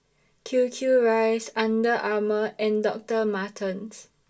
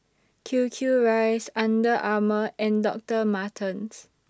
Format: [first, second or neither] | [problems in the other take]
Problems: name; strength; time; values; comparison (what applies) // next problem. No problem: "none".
second | room echo; dies away in 0.2 s